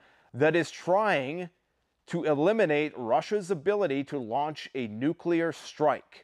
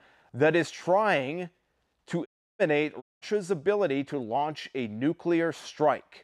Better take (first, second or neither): first